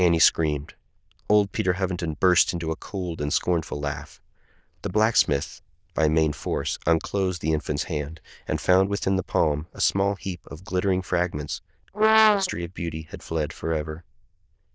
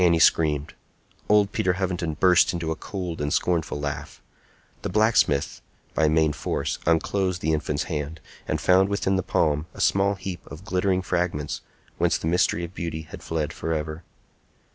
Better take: second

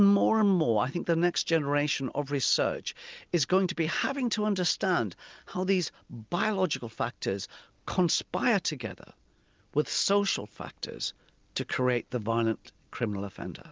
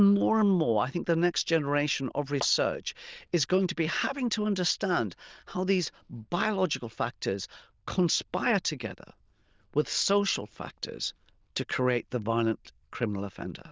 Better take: first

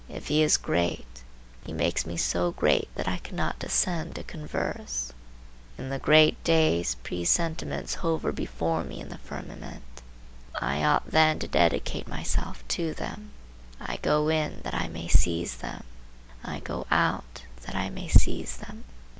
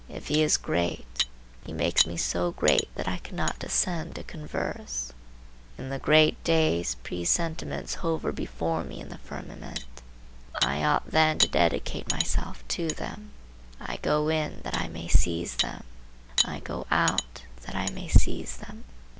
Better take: first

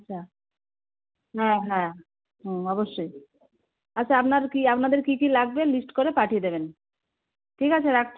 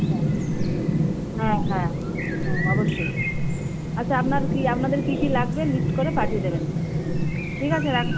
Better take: first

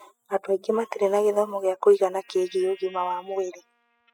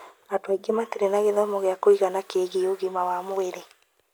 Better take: second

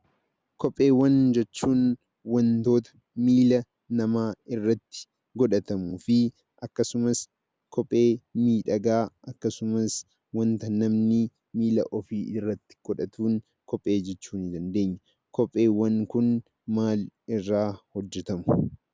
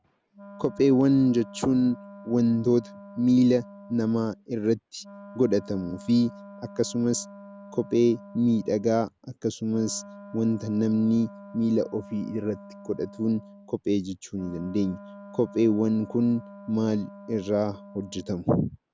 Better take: first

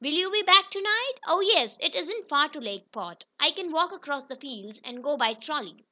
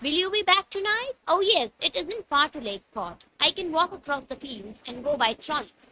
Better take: first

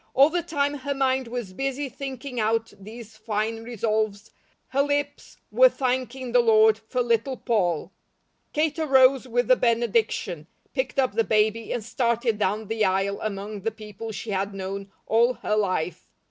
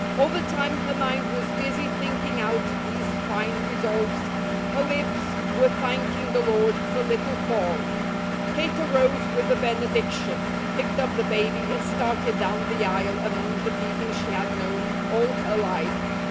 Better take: first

